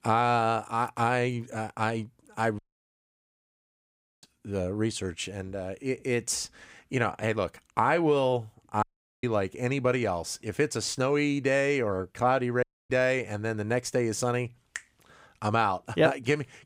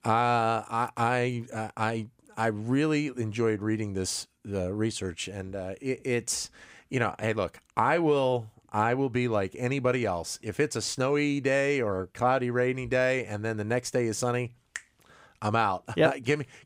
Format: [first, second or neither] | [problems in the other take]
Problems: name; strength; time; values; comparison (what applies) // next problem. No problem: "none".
second | audio cutting out; at 2.5 s for 1.5 s, at 9 s and at 13 s